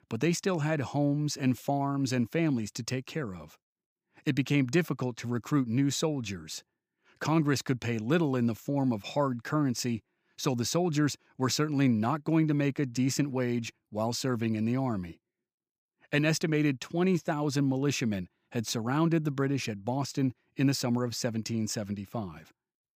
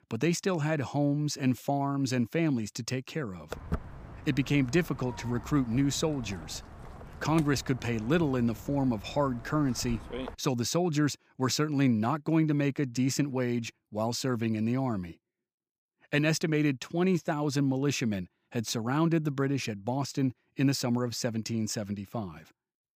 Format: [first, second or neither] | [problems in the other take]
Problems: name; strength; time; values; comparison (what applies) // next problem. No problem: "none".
first | footsteps; noticeable; from 3.5 to 10 s; peak 7 dB below the speech